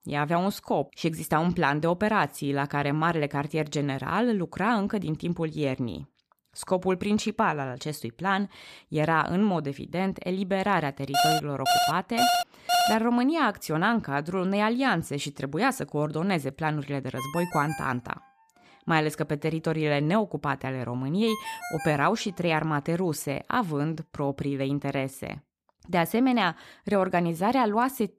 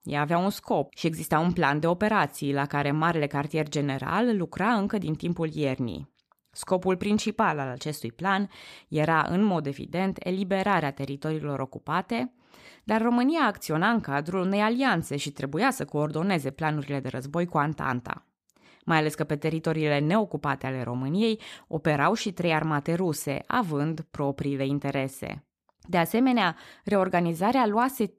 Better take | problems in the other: second | alarm; loud; from 11 to 13 s; peak 3 dB above the speech // phone ringing; noticeable; from 17 to 22 s; peak 8 dB below the speech

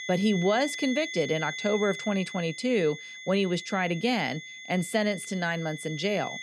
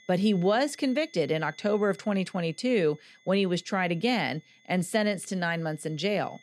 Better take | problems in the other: second | high-pitched whine; loud; throughout; 2 kHz, 9 dB below the speech; faint in the second

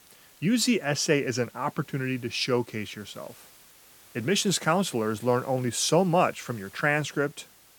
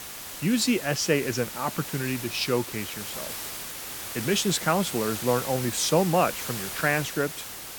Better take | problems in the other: first | hiss; loud; throughout; 7 dB below the speech; faint in the first

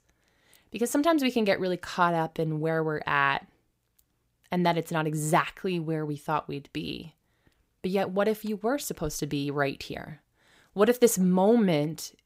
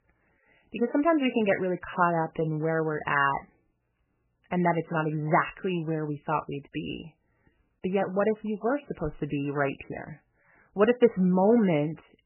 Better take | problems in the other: first | garbled, watery; badly; nothing above 3 kHz

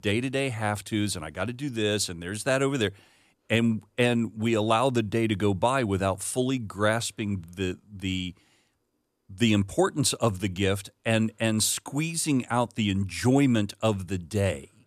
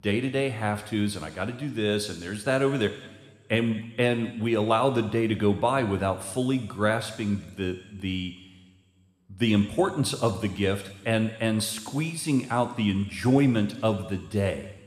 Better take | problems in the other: first | room echo; slight; dies away in 1.4 s

